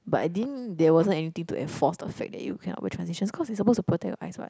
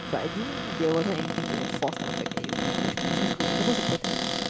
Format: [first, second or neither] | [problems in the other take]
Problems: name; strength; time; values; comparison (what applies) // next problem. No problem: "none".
first | background sound (Cupboard open or close); 2 dB above the speech